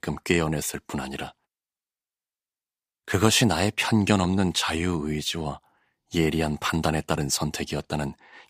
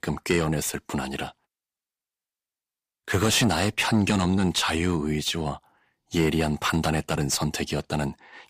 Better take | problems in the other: first | distortion; slight; 10 dB below the speech

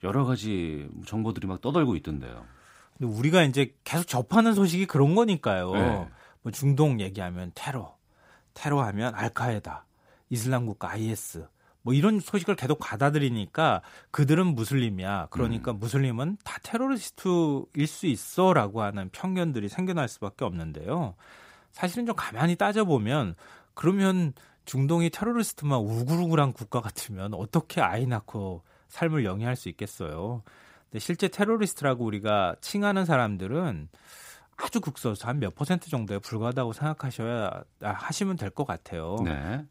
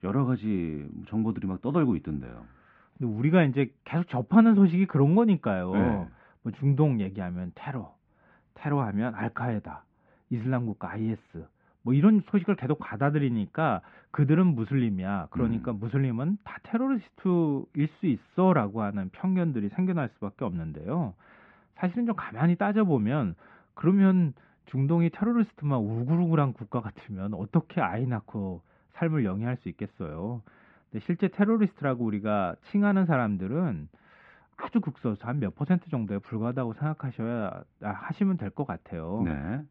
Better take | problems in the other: first | muffled; very; fading above 2.5 kHz

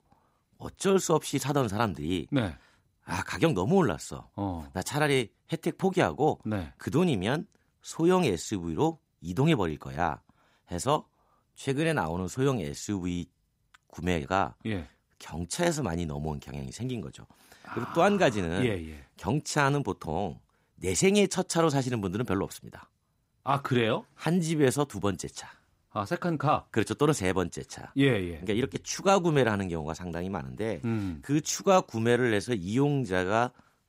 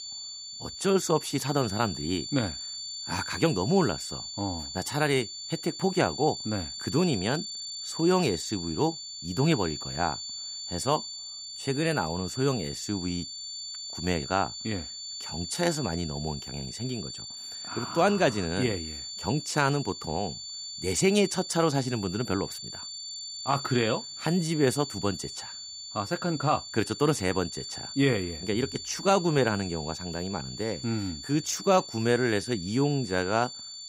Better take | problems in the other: first | high-pitched whine; loud; throughout; 4.5 kHz, 8 dB below the speech

